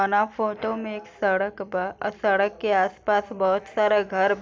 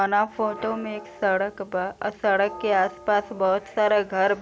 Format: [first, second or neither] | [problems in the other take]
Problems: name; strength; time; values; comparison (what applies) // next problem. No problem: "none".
first | background sound (Bell); 20 dB below the speech